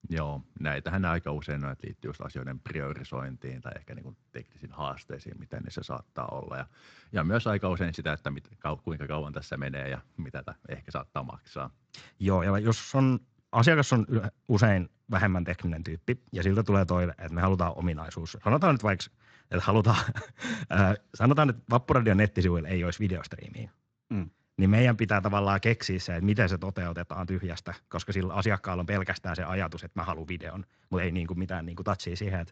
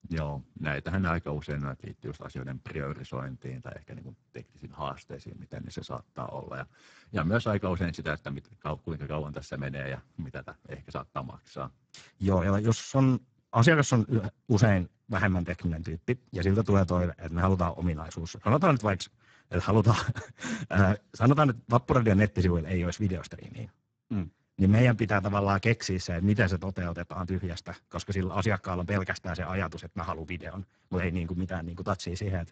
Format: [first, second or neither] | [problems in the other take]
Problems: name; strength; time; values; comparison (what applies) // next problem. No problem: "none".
first | garbled, watery; badly; nothing above 7.5 kHz; slightly in the first